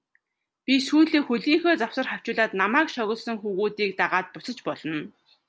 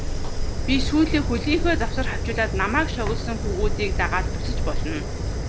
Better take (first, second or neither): first